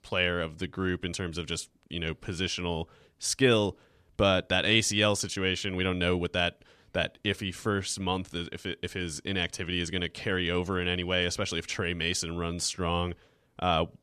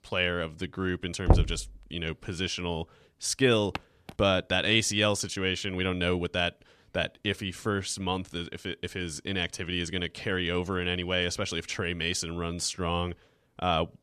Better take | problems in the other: first | door banging; loud; at 1.5 s; peak 4 dB above the speech // footsteps; very faint; at 4 s; peak 10 dB below the speech

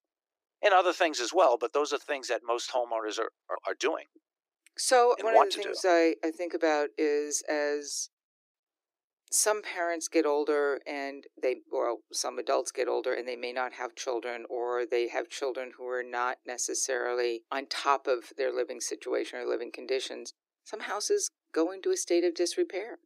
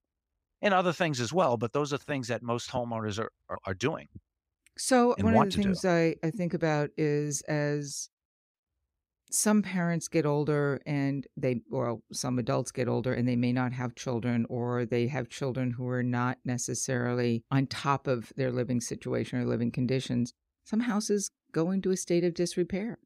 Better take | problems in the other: second | thin; very; fading below 300 Hz

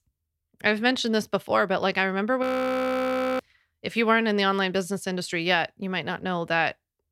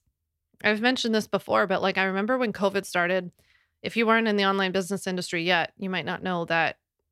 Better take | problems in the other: second | audio freezing; at 2.5 s for 1 s

